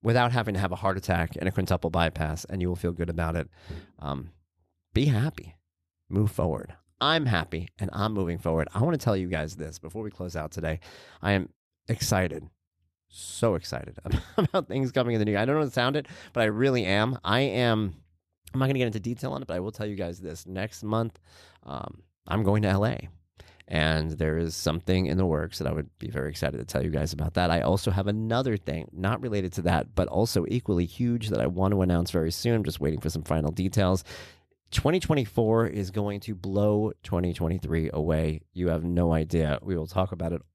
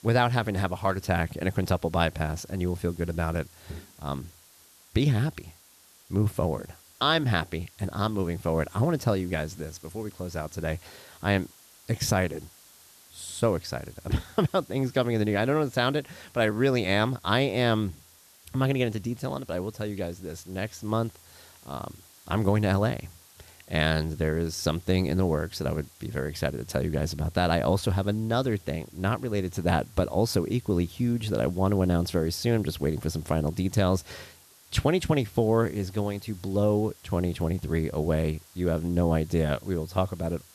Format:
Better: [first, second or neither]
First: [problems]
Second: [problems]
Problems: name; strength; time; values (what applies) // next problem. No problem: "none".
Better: first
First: none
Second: hiss; faint; throughout; 25 dB below the speech